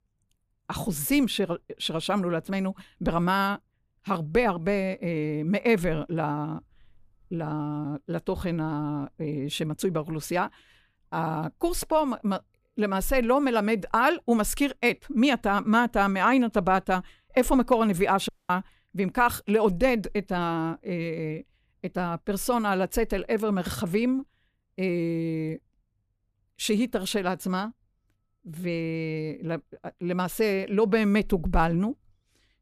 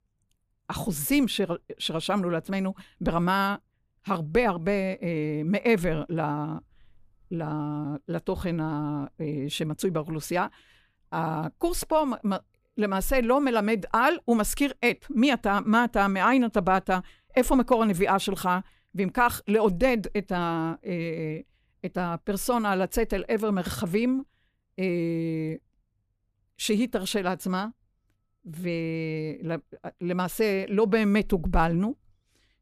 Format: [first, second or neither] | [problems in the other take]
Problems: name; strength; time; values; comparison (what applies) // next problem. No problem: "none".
second | audio cutting out; at 18 s